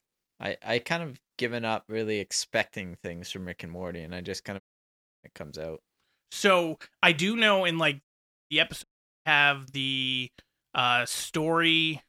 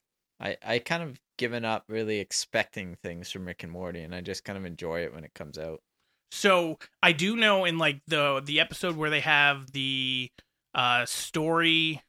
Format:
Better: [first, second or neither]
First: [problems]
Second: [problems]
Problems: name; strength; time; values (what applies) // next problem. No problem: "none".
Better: second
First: audio cutting out; at 4.5 s for 0.5 s, at 8 s and at 9 s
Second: none